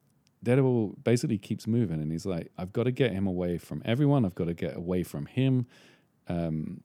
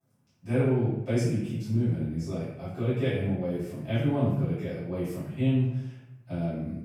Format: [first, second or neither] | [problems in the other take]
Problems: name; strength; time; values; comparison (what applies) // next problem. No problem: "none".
first | off-mic speech; far // room echo; strong; dies away in 0.7 s